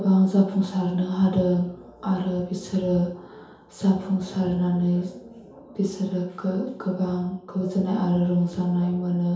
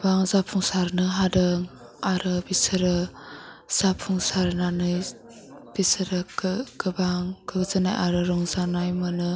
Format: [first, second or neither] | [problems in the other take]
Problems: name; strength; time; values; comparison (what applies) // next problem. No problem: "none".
second | room echo; dies away in 0.8 s